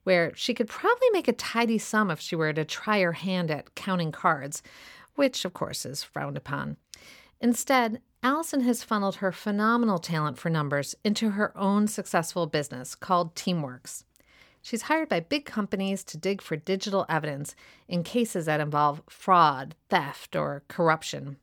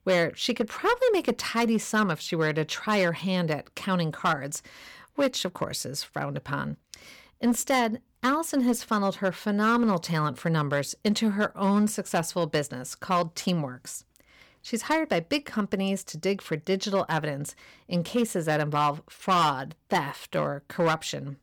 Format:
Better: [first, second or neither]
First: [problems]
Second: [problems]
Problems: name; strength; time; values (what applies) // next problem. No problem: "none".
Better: first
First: none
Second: distortion; slight; 4% of the sound clipped